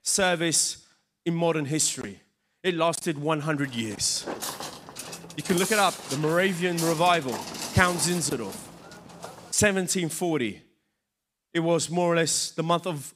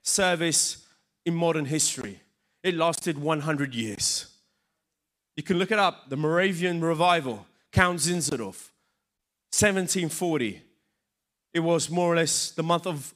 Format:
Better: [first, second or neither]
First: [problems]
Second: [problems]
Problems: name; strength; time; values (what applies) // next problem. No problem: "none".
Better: second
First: footsteps; noticeable; from 3.5 to 9.5 s; peak 4 dB below the speech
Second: none